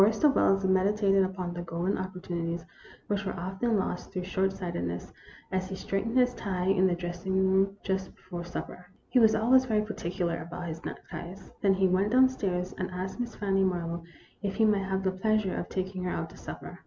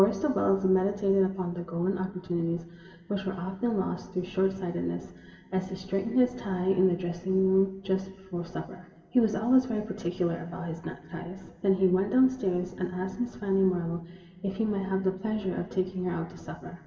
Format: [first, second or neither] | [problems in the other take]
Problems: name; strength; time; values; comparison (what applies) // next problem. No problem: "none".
first | room echo; dies away in 2.4 s